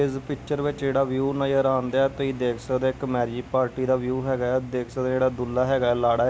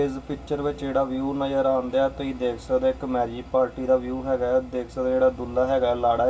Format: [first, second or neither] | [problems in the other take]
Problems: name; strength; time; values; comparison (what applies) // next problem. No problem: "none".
first | room echo; dies away in 0.2 s